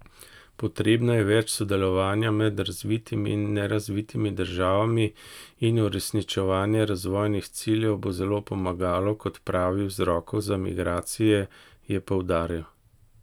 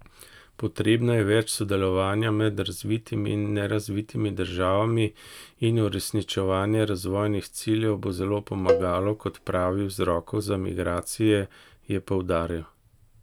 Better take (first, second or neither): first